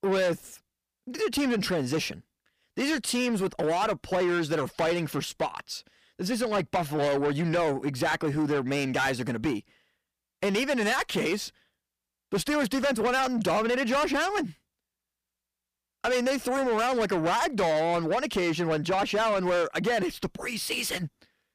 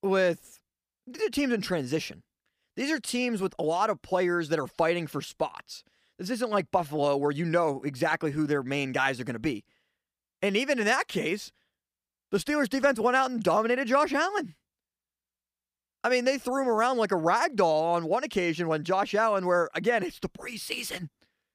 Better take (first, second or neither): second